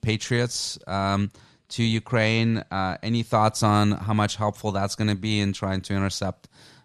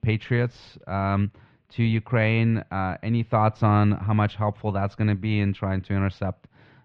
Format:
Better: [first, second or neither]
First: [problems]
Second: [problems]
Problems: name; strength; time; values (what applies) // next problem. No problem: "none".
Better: first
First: none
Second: muffled; very; fading above 2.5 kHz